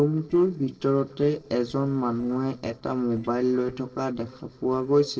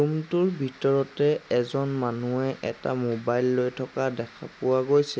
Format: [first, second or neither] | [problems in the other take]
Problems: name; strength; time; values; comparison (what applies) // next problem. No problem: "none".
second | noise reduction (neural separator model SepFormer DNS4)